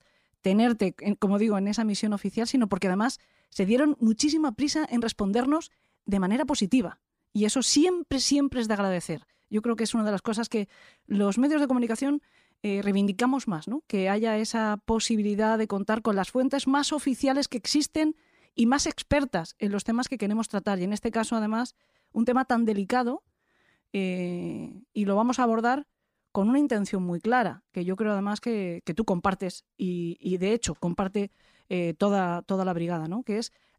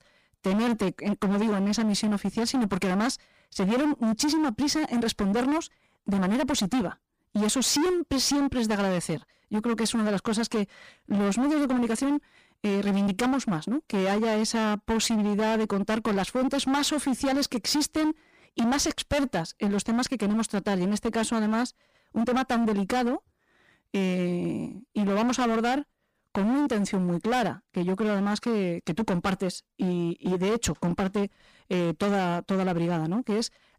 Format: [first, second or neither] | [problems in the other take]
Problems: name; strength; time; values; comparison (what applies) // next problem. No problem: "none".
first | distortion; heavy; 25% of the sound clipped